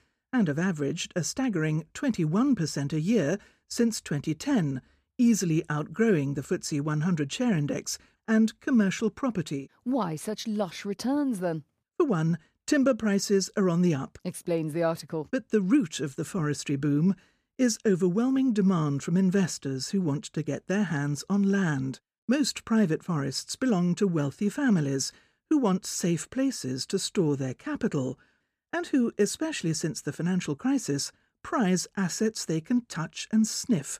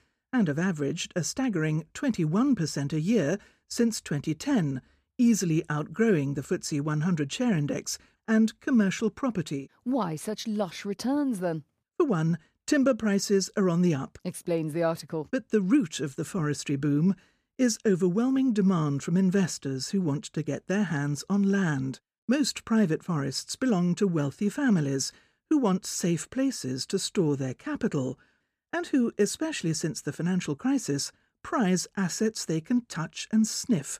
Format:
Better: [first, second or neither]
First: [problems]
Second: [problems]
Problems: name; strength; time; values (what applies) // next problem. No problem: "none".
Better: neither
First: none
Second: none